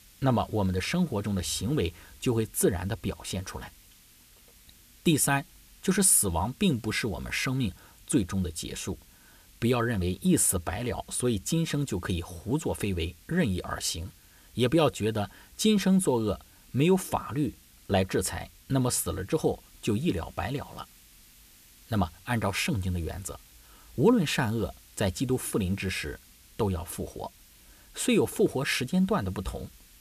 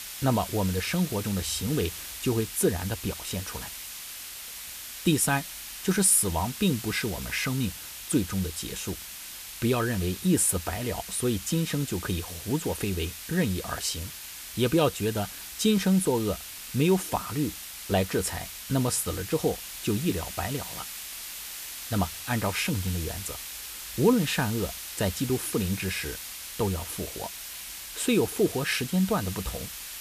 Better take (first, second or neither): first